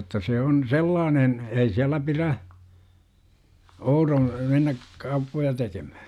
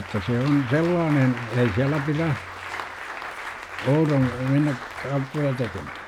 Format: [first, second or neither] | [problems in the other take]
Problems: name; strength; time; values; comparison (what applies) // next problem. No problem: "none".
first | background sound (Applause); 11 dB below the speech